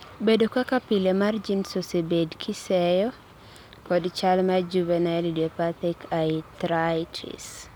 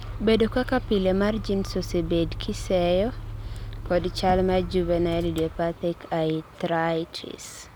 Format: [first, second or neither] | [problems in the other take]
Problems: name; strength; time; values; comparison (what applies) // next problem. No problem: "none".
first | background sound (Motor vehicle (road)); 10 dB below the speech